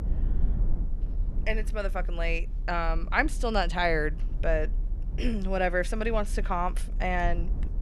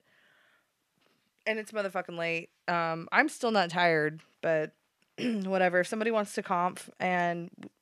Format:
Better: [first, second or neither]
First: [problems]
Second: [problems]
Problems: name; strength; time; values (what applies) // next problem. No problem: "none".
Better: second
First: low rumble; faint; throughout; 20 dB below the speech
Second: none